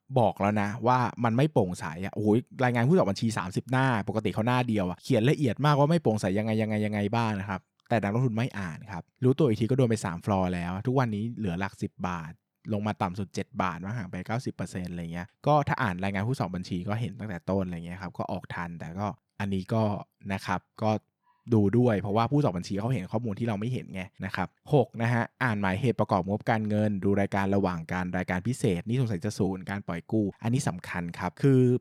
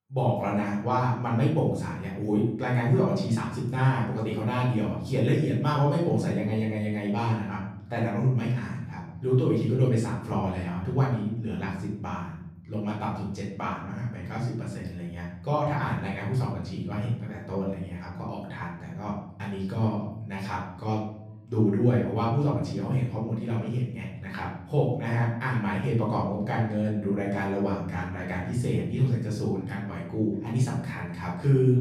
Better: first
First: none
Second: room echo; noticeable; dies away in 0.8 s // off-mic speech; far

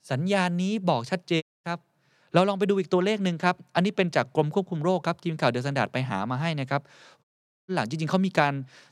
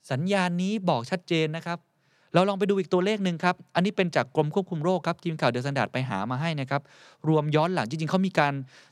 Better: second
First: audio cutting out; at 1.5 s and at 7 s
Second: none

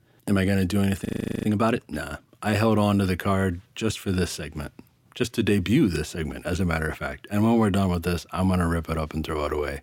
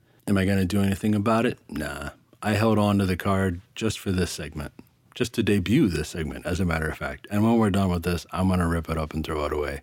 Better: second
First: audio freezing; at 1 s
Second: none

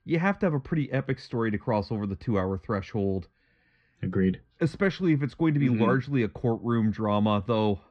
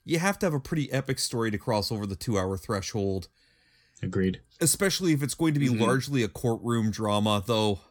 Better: second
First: muffled; very; fading above 2.5 kHz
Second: none

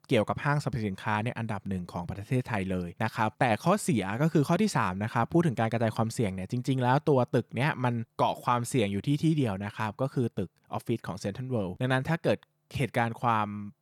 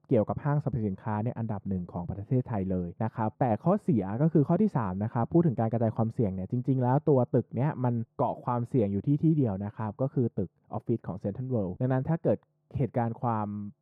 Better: first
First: none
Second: muffled; very; fading above 1.5 kHz

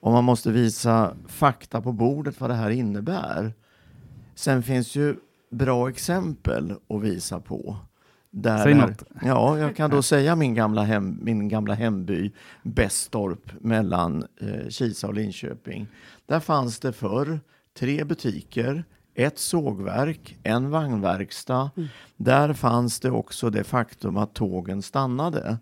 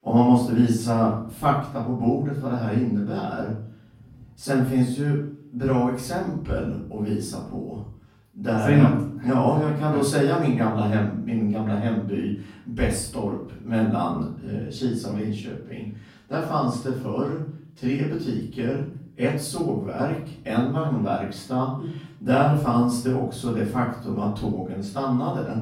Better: first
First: none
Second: off-mic speech; far // room echo; noticeable; dies away in 0.5 s

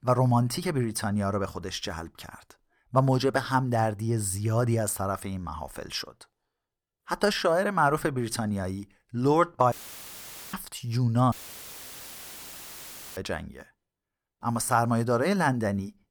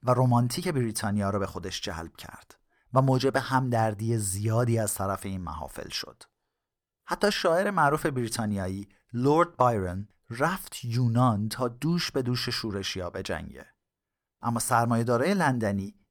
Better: second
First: audio cutting out; filled with static; at 9.5 s for 1 s and at 11 s for 2 s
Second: none

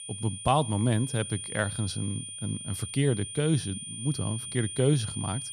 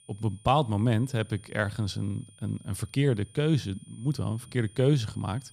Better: second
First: high-pitched whine; loud; throughout; 9 kHz, 7 dB below the speech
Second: high-pitched whine; faint; throughout; 9 kHz, 25 dB below the speech

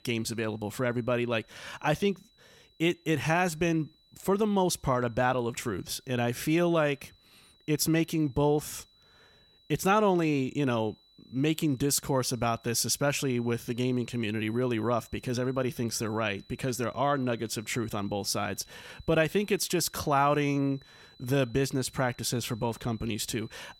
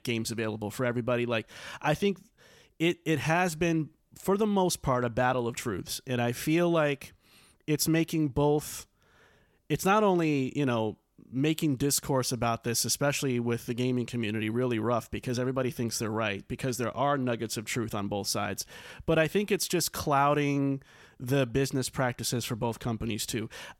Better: second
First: high-pitched whine; faint; throughout; 4 kHz, 30 dB below the speech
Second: none

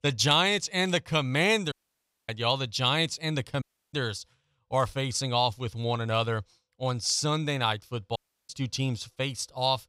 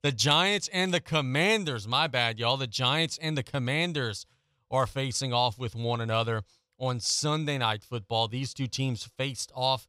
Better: second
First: audio cutting out; at 1.5 s for 0.5 s, at 3.5 s and at 8 s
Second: none

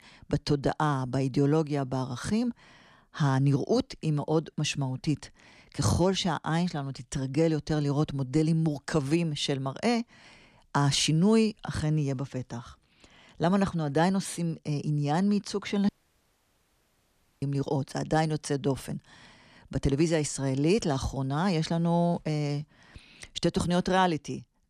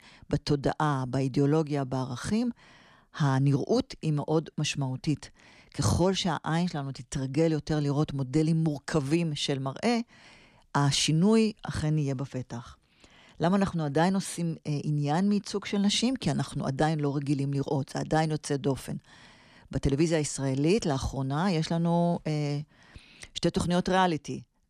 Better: second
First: audio cutting out; at 16 s for 1.5 s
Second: none

